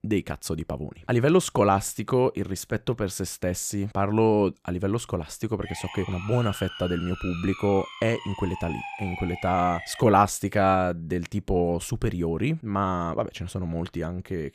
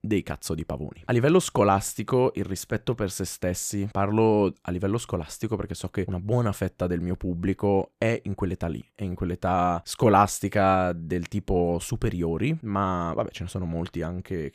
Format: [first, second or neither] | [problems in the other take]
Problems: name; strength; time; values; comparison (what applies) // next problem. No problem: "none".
second | siren; noticeable; from 5.5 to 10 s; peak 9 dB below the speech